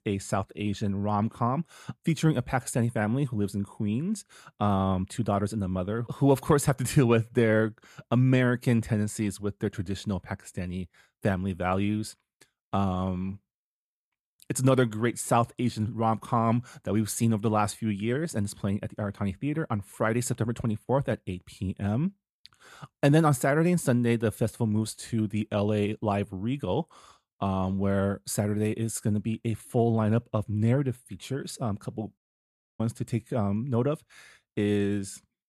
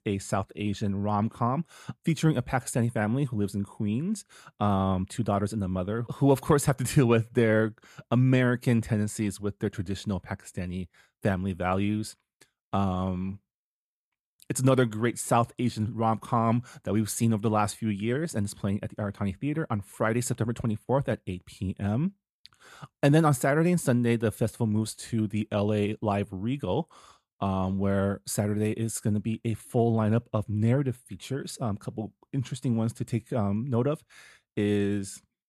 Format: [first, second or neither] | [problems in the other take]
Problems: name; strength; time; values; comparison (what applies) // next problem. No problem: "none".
second | audio cutting out; at 32 s for 0.5 s